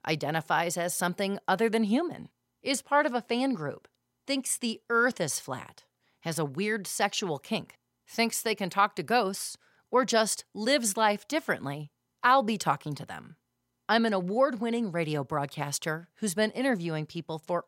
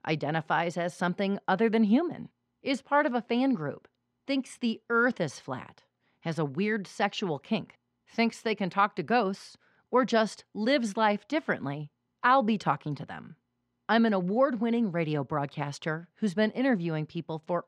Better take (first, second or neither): first